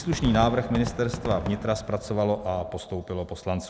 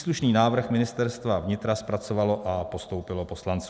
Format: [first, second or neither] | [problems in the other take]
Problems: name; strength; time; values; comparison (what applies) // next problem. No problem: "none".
second | background sound (Fireworks); 9 dB below the speech